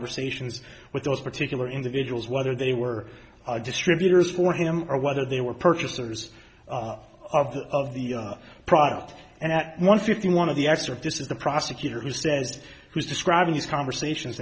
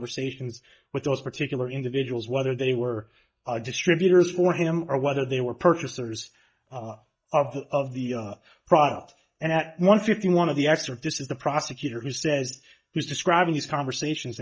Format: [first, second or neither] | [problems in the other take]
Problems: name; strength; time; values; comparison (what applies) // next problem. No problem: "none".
first | noise reduction (neural mask model DeepFilterNet 3)